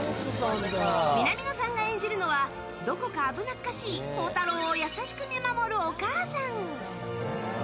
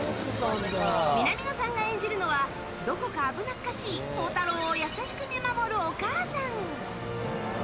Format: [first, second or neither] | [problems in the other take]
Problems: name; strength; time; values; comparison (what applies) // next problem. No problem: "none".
first | background sound (Water); 11 dB below the speech